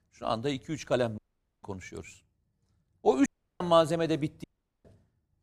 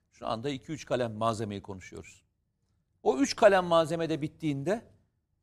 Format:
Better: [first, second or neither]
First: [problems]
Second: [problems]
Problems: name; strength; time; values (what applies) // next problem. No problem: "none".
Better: second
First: audio cutting out; at 1 s, at 3.5 s and at 4.5 s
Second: none